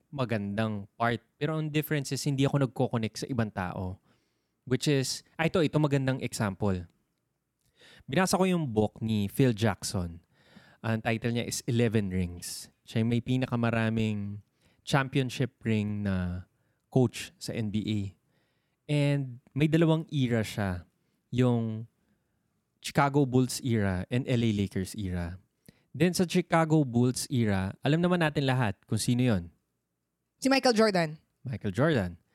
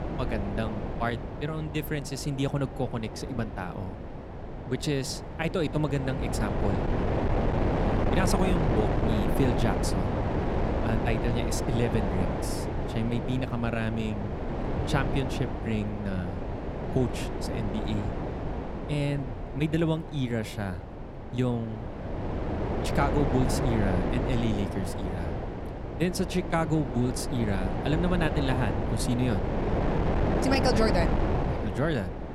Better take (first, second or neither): first